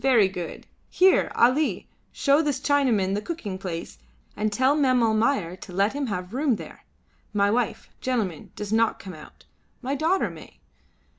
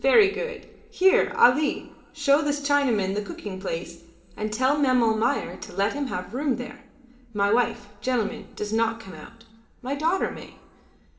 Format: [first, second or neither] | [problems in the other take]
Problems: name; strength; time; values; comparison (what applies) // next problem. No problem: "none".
first | room echo; dies away in 1.8 s